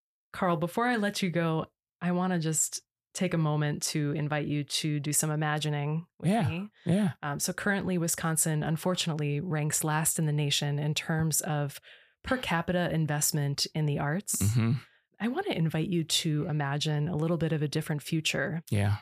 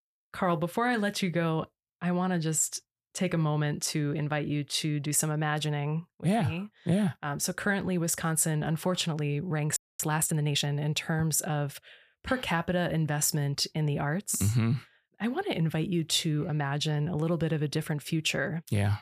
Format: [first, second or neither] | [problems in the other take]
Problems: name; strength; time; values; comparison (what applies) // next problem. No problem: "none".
first | audio freezing; at 10 s